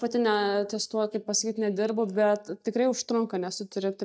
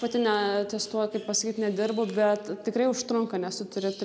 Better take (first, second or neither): second